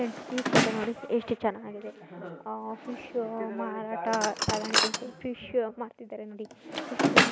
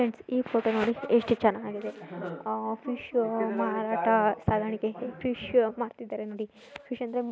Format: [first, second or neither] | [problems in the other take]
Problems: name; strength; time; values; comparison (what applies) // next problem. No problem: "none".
second | background sound (Drawer open or close); 2 dB above the speech